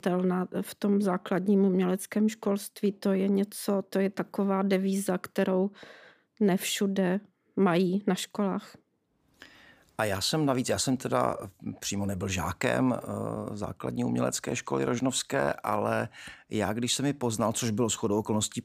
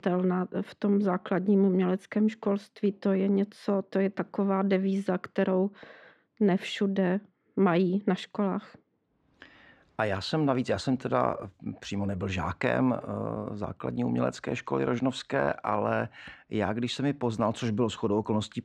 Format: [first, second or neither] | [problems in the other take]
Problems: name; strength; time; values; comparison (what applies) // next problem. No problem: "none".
first | muffled; slightly; fading above 3 kHz